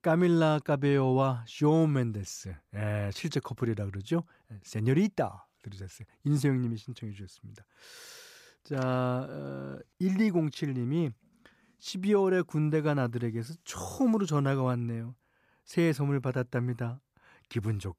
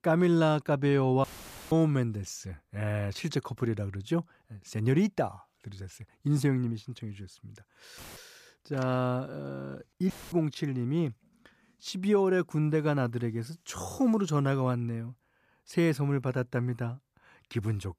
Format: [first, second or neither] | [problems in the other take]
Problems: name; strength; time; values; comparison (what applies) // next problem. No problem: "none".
first | audio cutting out; filled with static; at 1 s, at 8 s and at 10 s